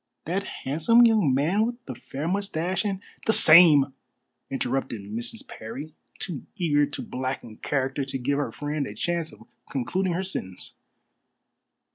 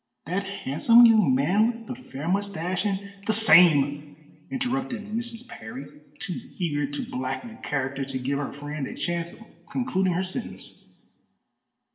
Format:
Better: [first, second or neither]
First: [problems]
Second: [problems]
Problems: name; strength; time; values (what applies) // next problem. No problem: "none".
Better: first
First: none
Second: room echo; dies away in 0.9 s